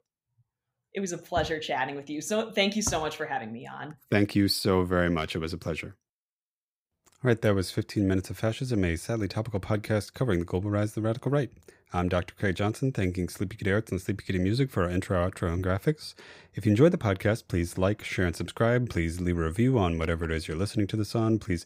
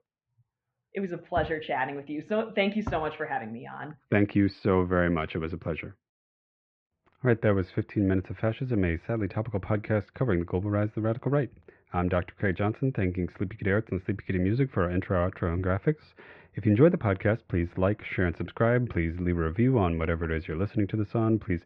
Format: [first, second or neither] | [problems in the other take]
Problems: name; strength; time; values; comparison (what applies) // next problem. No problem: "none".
first | muffled; very; fading above 2.5 kHz